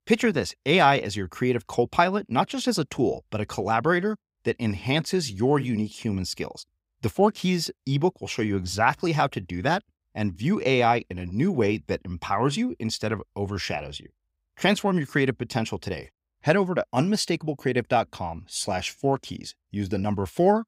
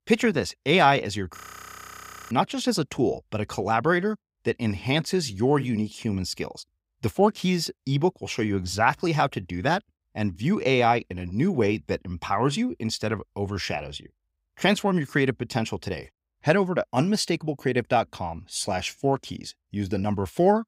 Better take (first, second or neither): first